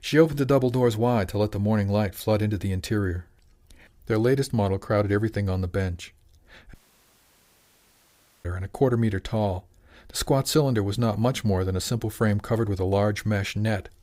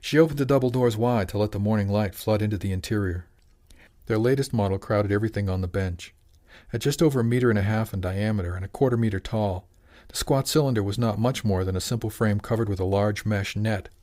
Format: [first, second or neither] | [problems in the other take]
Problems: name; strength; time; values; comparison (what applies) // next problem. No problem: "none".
second | audio cutting out; at 6.5 s for 1.5 s